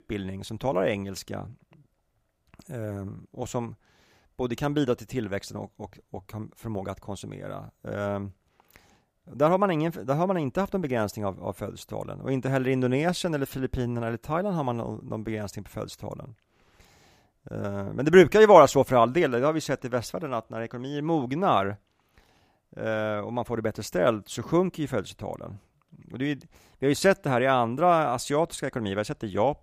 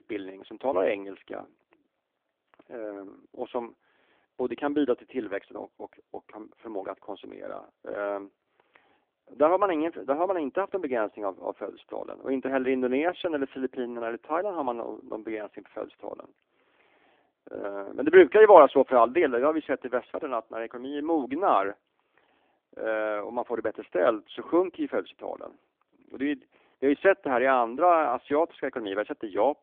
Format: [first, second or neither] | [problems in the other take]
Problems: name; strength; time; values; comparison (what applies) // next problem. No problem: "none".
first | phone-call audio; nothing above 3.5 kHz